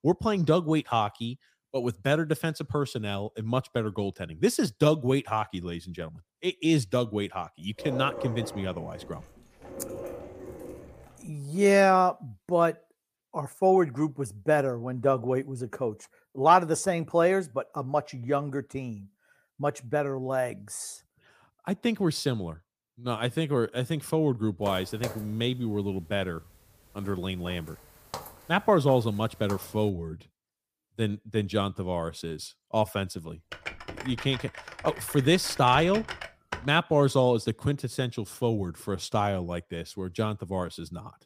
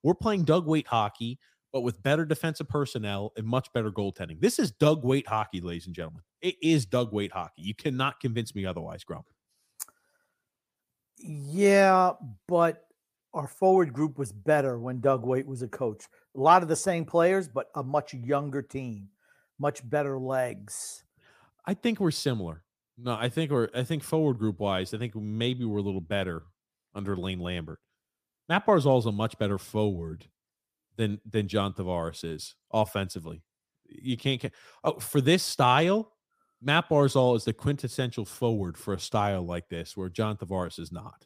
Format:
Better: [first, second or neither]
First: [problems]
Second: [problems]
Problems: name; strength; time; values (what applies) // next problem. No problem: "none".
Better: second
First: dog barking; noticeable; from 8 to 11 s; peak 6 dB below the speech // footsteps; noticeable; from 25 to 30 s; peak 10 dB below the speech // keyboard typing; noticeable; from 34 to 37 s; peak 9 dB below the speech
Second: none